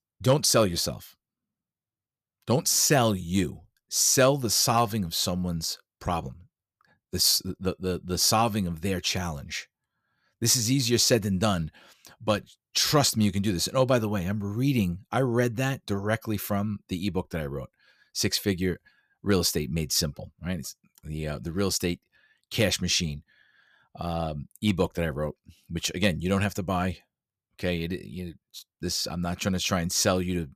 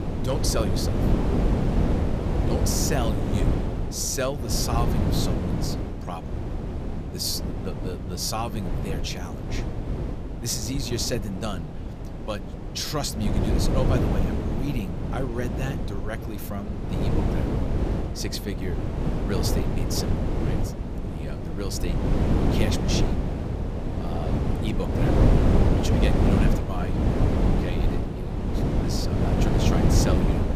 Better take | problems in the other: first | wind noise on the microphone; heavy; as loud as the speech

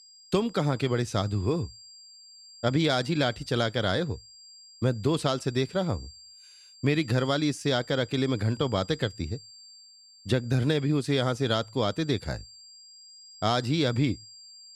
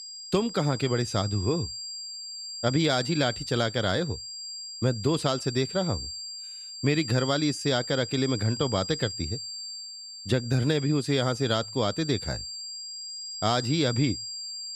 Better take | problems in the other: first | high-pitched whine; loud; throughout; 4.5 kHz, 8 dB below the speech; faint in the first

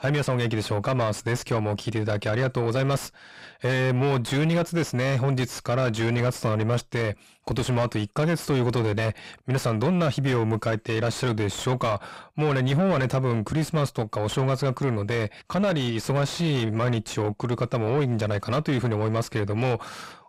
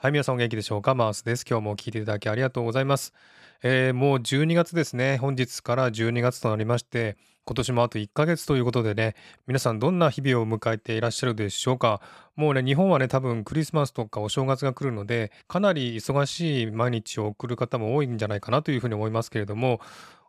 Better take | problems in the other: second | distortion; heavy; 7 dB below the speech

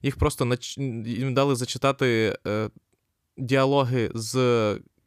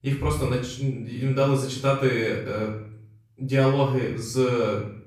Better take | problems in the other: first | off-mic speech; far // room echo; noticeable; dies away in 0.6 s

